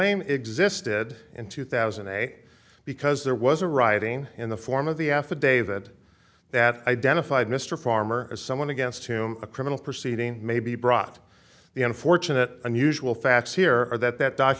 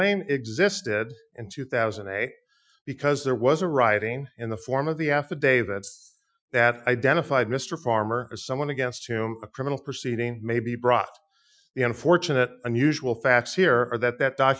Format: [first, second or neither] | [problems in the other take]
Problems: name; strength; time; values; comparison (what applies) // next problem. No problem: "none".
first | noise reduction (classical method Wiener filter)